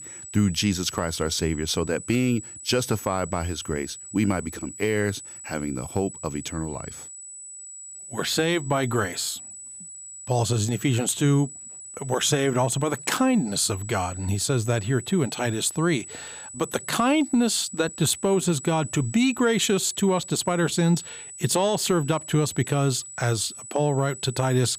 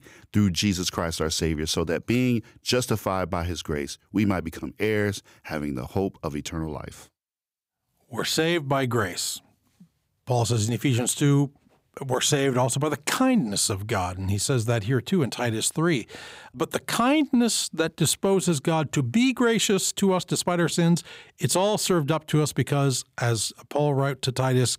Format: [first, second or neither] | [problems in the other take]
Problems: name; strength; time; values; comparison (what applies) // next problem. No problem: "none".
second | high-pitched whine; noticeable; throughout; 8 kHz, 15 dB below the speech